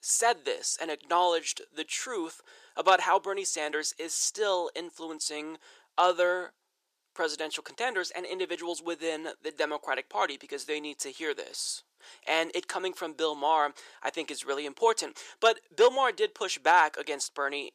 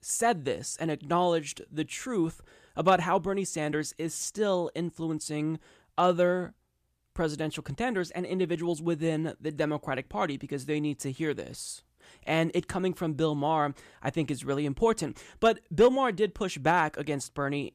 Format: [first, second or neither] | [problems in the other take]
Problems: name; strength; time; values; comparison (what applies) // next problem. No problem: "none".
second | thin; very; fading below 400 Hz